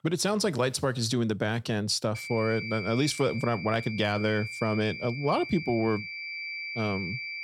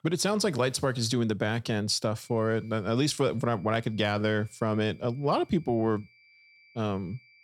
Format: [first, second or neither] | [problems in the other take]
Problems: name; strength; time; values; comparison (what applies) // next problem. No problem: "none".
second | high-pitched whine; loud; from 2 s on; 2.5 kHz, 8 dB below the speech; faint in the second